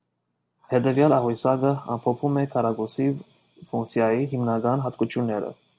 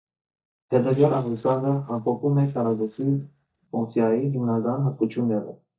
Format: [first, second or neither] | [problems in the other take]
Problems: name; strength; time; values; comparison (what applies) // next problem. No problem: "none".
first | noise reduction (neural mask model DeepFilterNet 3)